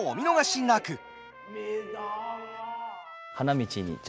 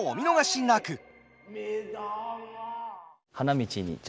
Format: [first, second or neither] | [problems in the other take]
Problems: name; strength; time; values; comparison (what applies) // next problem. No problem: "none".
second | background sound (Trumpet); 18 dB below the speech